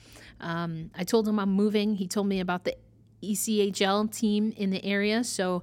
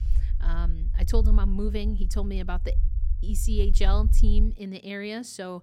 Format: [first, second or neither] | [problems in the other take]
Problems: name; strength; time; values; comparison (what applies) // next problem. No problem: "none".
first | low rumble; noticeable; until 4.5 s; 15 dB below the speech